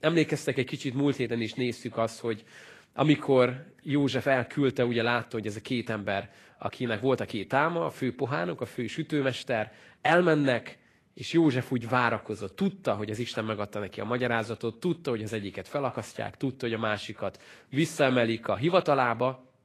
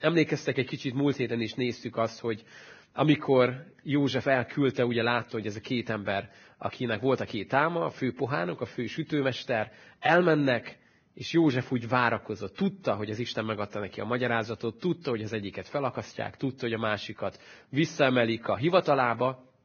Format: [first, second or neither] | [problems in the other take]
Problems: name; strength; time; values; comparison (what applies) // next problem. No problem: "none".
first | garbled, watery; badly; nothing above 6.5 kHz; slightly in the first